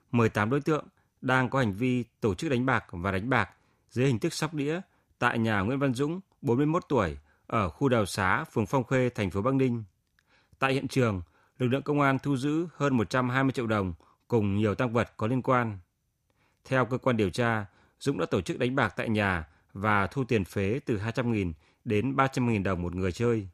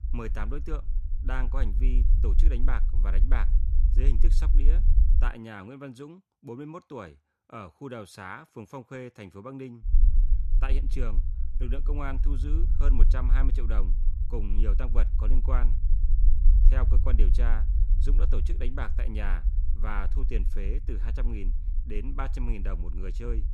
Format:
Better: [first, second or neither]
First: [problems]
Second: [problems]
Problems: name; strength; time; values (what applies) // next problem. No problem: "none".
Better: first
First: none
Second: low rumble; loud; until 5.5 s and from 10 s on; 10 dB below the speech